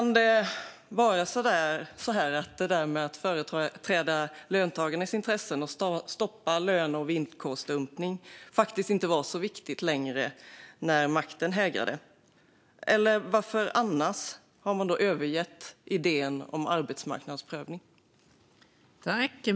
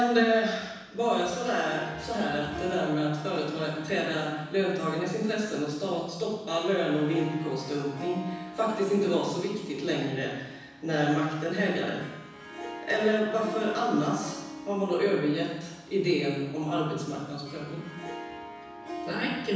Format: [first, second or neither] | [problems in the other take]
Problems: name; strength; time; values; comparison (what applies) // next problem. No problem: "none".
first | background sound (Harp); 14 dB below the speech // room echo; dies away in 1.1 s